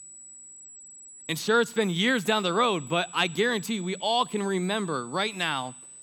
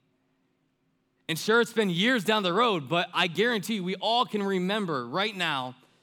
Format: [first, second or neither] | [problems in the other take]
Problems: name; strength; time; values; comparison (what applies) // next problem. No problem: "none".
second | high-pitched whine; noticeable; throughout; 8 kHz, 15 dB below the speech